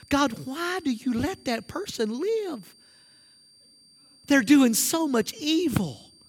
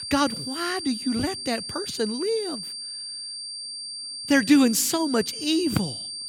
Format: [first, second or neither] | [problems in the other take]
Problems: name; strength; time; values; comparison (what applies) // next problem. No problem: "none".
first | high-pitched whine; loud; throughout; 4.5 kHz, 8 dB below the speech; faint in the first